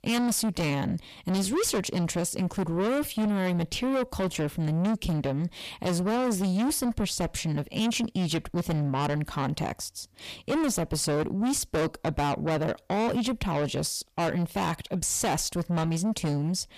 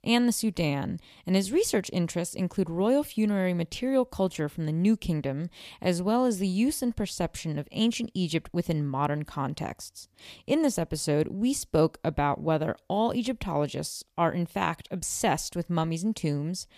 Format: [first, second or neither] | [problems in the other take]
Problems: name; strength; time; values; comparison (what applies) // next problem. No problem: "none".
second | distortion; heavy; 6 dB below the speech